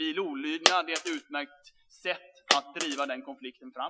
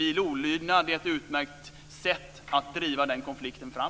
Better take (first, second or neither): second